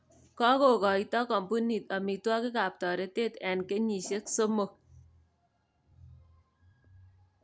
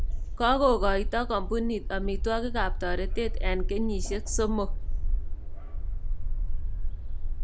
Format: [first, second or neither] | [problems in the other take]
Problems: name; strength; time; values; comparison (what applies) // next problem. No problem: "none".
first | background sound (Bark); 3 dB above the speech